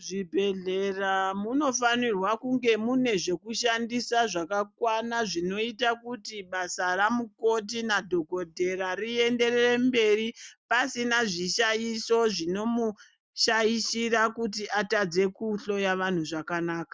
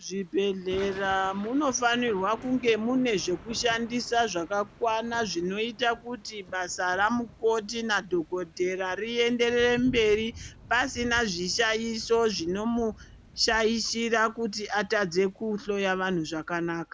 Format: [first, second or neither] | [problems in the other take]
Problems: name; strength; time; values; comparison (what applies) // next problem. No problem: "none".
first | background sound (Thunder / Rain); 20 dB below the speech